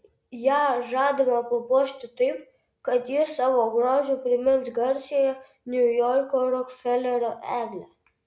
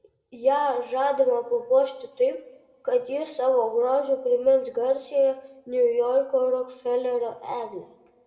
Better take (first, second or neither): first